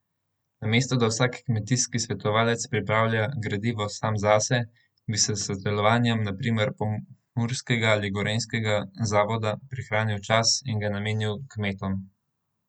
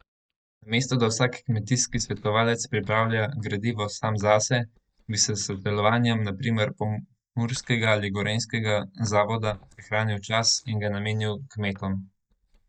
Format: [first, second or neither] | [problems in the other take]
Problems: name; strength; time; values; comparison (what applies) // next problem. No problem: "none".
first | noise reduction (neural mask model DeepFilterNet 3)